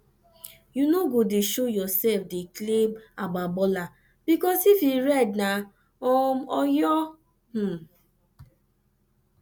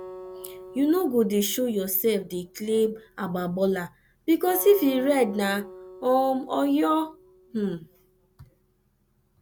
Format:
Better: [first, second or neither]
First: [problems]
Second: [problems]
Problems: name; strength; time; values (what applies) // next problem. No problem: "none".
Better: first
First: none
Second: background sound (Acoustic guitar); 19 dB below the speech